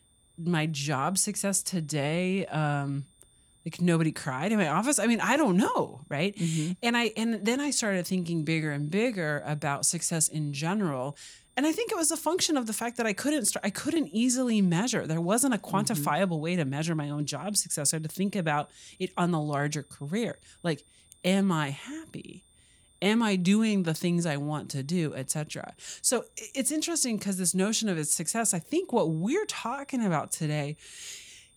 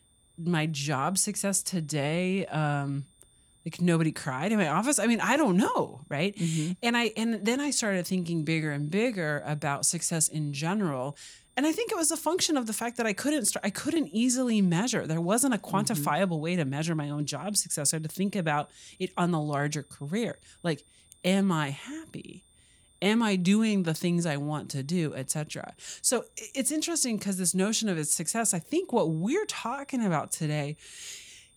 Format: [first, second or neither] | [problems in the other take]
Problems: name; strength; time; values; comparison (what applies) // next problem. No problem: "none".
neither | high-pitched whine; faint; throughout; 9 kHz, 35 dB below the speech; the same in both